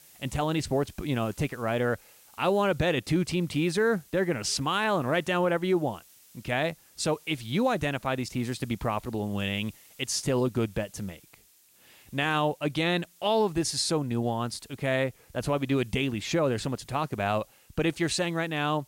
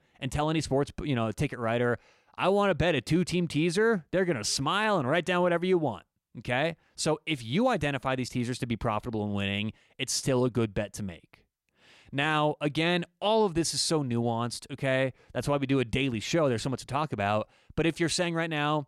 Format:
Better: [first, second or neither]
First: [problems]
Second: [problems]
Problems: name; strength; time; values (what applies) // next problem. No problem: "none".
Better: second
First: hiss; faint; throughout; 25 dB below the speech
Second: none